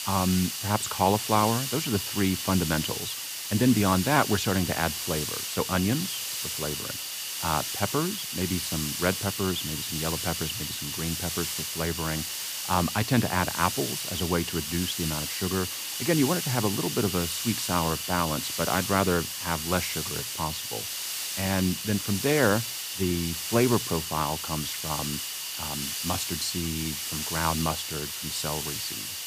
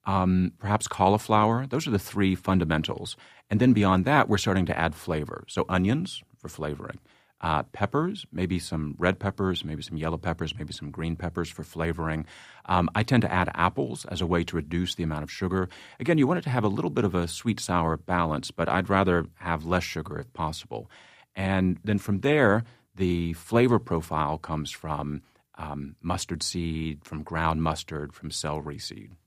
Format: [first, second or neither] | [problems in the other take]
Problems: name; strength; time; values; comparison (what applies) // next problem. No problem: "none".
second | hiss; loud; throughout; 2 dB below the speech